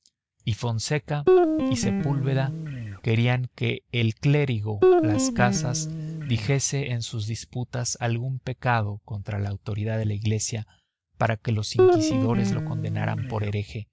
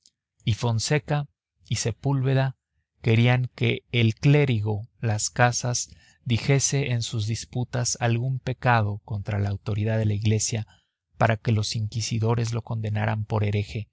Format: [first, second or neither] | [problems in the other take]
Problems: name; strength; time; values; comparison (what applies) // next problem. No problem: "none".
second | background sound (Guitar); 3 dB above the speech